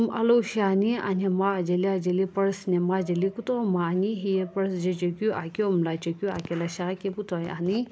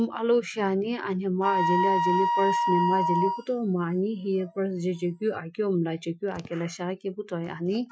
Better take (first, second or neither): first